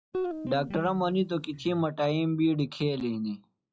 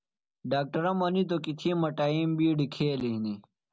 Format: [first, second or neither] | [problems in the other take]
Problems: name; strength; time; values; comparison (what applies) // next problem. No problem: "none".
second | noise reduction (classical method log-MMSE)